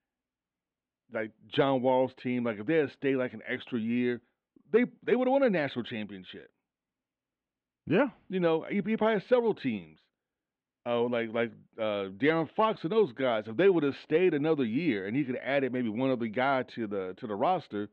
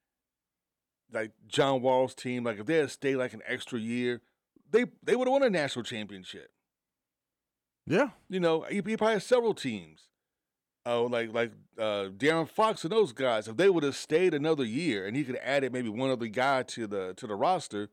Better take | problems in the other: second | muffled; slightly; fading above 3 kHz

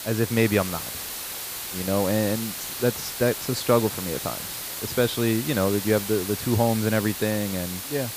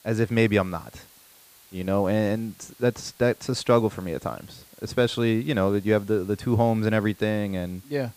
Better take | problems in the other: second | hiss; loud; throughout; 6 dB below the speech; faint in the second

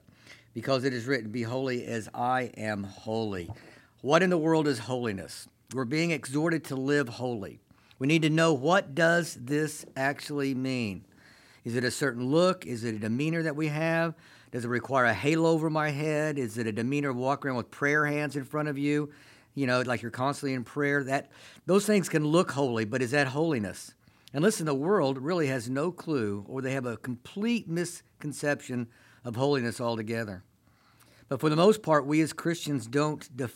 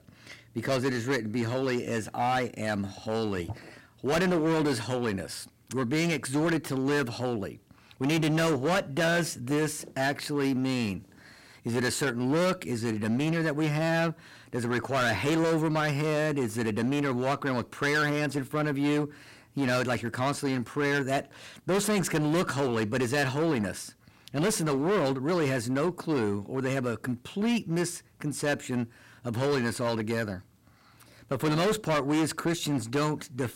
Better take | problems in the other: first | distortion; heavy; 14% of the sound clipped

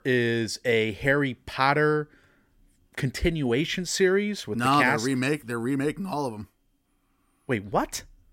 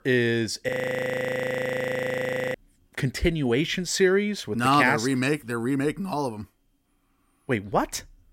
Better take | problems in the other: first | audio freezing; at 0.5 s for 2 s

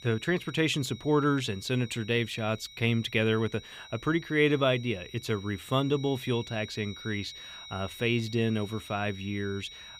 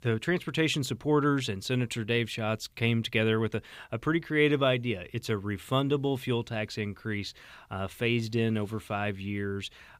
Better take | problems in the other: second | high-pitched whine; noticeable; throughout; 4 kHz, 15 dB below the speech

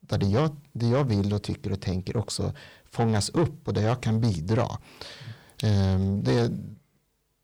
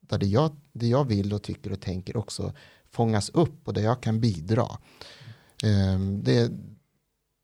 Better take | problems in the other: second | distortion; slight; 10 dB below the speech

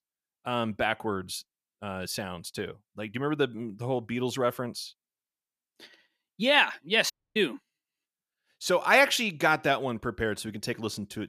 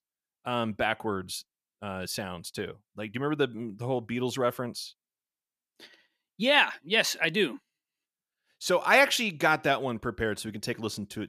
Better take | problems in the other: second | audio cutting out; at 7 s

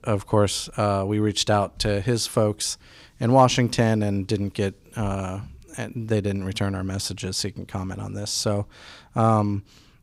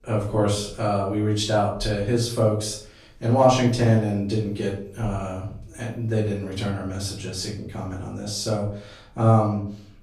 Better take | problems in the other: first | off-mic speech; far // room echo; noticeable; dies away in 0.4 s

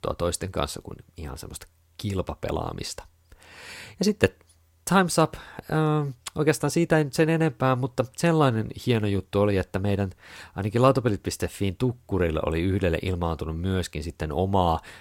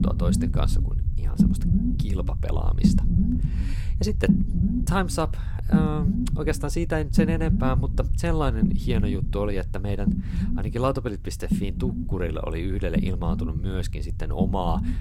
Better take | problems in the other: first | low rumble; loud; throughout; 4 dB below the speech

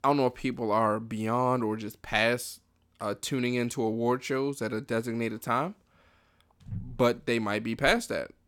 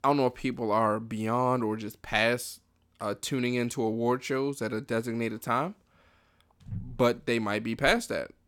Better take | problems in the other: neither | none

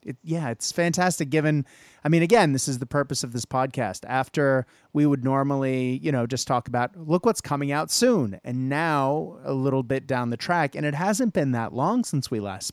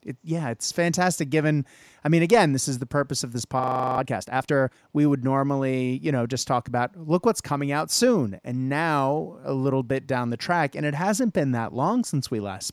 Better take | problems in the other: first | audio freezing; at 3.5 s

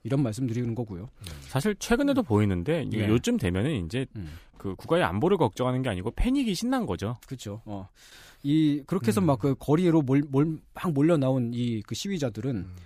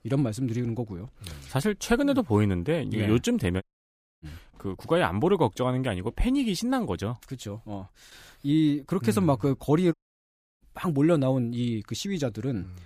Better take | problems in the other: first | audio cutting out; at 3.5 s for 0.5 s and at 10 s for 0.5 s

